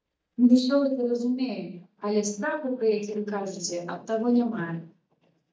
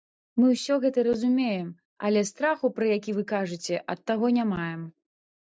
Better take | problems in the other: second | noise reduction (neural mask model DeepFilterNet 3)

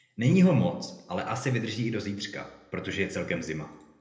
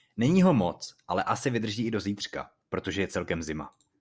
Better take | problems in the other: second | room echo; dies away in 0.7 s

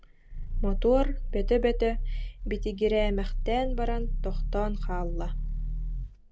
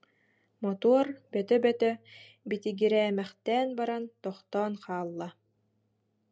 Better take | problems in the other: second | background sound (Growling); 1 dB above the speech

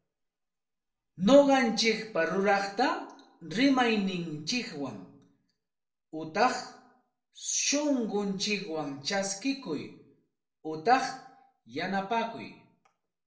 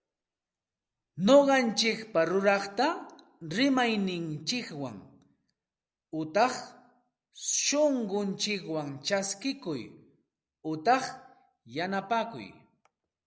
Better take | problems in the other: second | room echo; dies away in 0.4 s

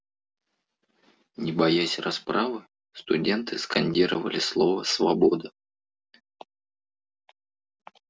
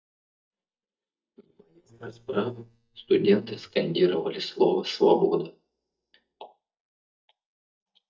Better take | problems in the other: first | noise reduction (neural mask model DeepFilterNet 3)

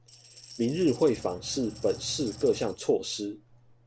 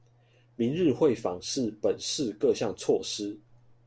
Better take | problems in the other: second | background sound (Engine / Truck / Car + Tambourine); 16 dB below the speech

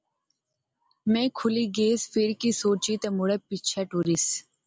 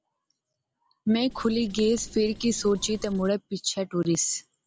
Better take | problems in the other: first | background sound (Writing); 17 dB below the speech

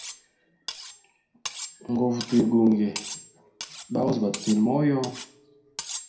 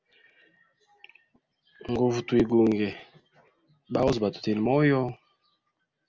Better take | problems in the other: second | background sound (Cutlery, silverware); 13 dB below the speech // room echo; dies away in 0.4 s

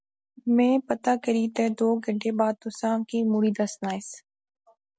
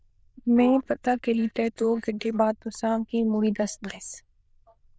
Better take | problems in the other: first | noise reduction (neural diffusion model UNIVERSE++)

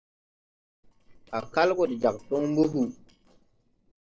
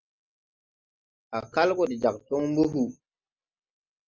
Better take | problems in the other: second | noise reduction (neural separator model SepFormer DNS4)

